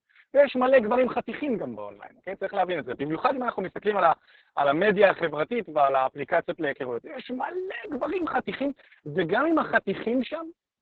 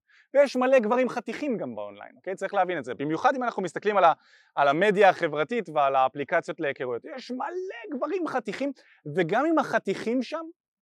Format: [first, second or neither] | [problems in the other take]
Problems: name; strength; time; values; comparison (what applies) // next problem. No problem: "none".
second | garbled, watery; badly